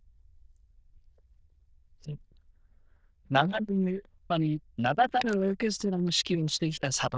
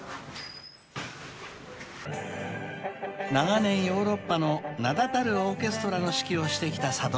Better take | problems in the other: second | noise reduction (neural diffusion model UNIVERSE++)

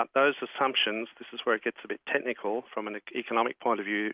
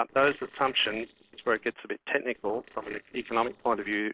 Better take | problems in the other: first | noise reduction (neural separator model SepFormer DNS4)

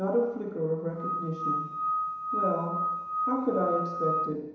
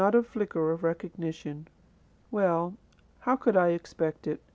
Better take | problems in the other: second | background sound (Screech / Glass); as loud as the speech // room echo; dies away in 1 s

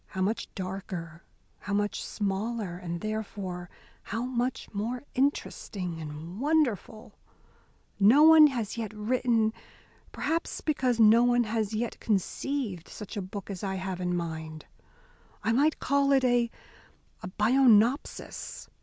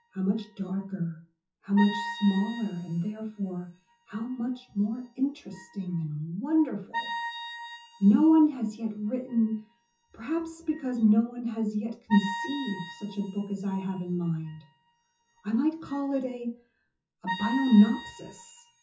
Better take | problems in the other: first | noise reduction (classical method WPE with log-MMSE)

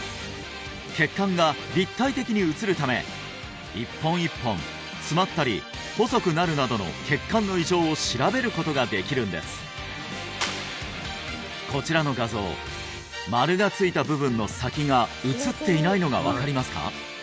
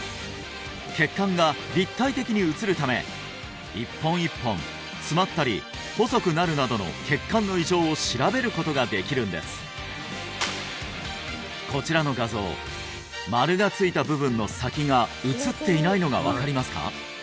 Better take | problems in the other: first | background sound (Subway, metro, underground / Doorbell); 19 dB below the speech

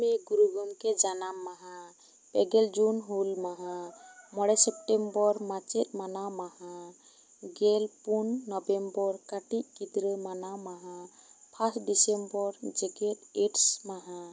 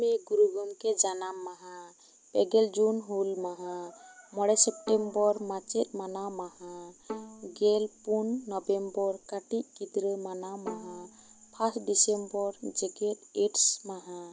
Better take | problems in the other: first | background sound (Bowed string instrument); 17 dB below the speech

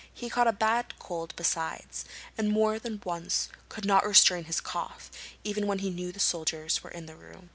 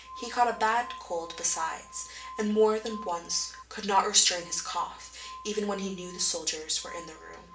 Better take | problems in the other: first | background sound (Glass); 18 dB below the speech // room echo; dies away in 0.4 s

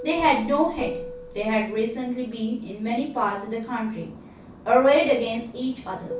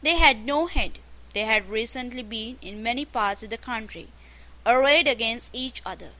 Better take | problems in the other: second | background sound (Fixed-wing aircraft, airplane); 16 dB below the speech // room echo; dies away in 0.6 s

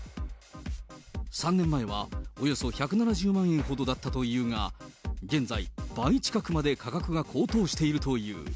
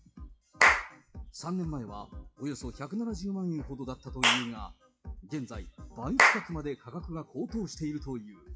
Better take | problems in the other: first | noise reduction (classical method WPE with log-MMSE)

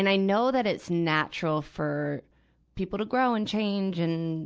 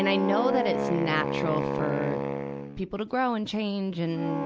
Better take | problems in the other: first | background sound (Wind instrument, woodwind instrument); 2 dB below the speech

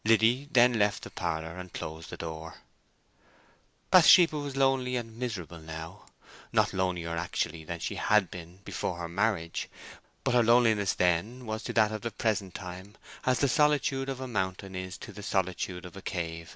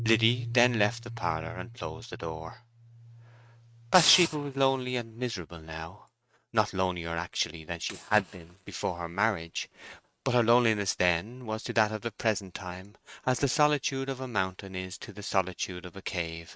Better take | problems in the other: first | noise reduction (neural mask model RNNoise)

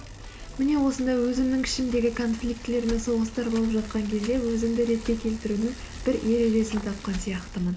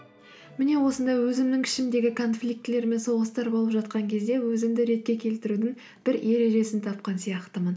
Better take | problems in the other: second | background sound (Bicycle); 12 dB below the speech

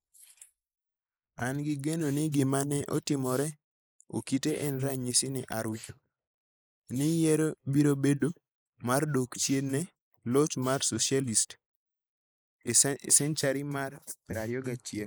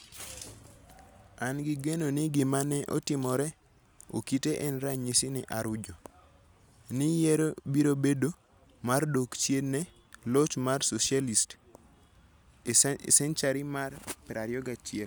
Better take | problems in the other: second | noise reduction (neural mask model Resemble Enhance denoiser)

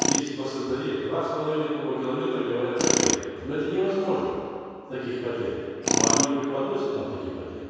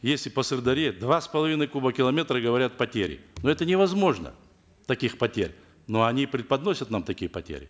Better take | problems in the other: second | background sound (Tools); 3 dB below the speech // room echo; dies away in 2.2 s

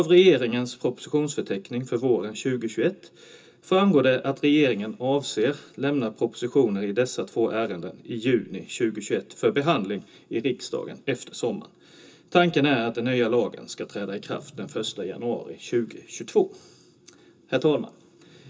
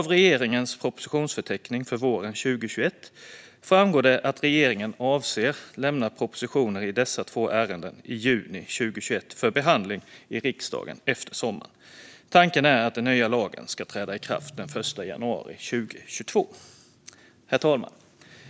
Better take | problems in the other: second | room echo; dies away in 0.2 s

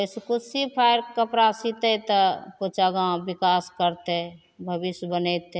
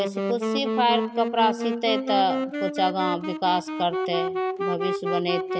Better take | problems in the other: first | background sound (Wind instrument, woodwind instrument); 2 dB below the speech

